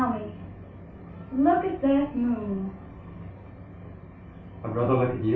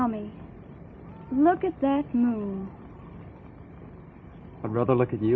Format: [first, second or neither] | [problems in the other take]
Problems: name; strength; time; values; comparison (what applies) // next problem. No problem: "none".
second | room echo; dies away in 0.3 s